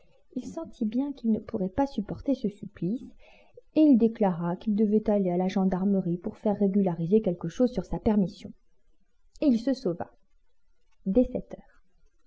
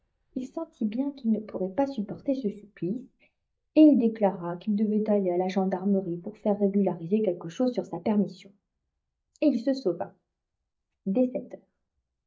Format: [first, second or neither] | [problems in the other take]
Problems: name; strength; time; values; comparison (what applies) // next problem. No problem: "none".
first | noise reduction (neural mask model DeepFilterNet 3)